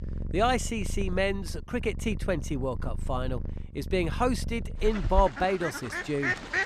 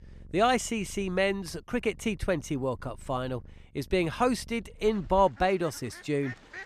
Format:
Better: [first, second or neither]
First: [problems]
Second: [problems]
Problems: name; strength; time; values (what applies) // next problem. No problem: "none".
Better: second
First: animal sounds; loud; throughout; 5 dB below the speech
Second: animal sounds; faint; throughout; 20 dB below the speech